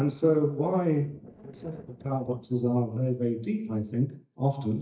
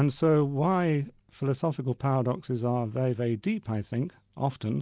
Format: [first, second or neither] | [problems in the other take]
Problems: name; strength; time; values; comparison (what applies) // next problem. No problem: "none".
second | noise reduction (neural mask model DeepFilterNet 3)